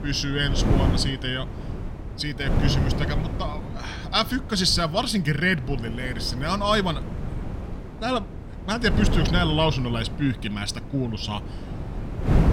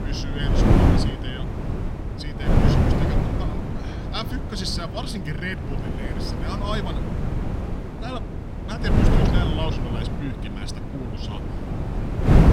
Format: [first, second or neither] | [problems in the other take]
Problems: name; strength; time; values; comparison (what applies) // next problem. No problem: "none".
first | wind noise on the microphone; heavy; 2 dB above the speech; occasional gusts in the first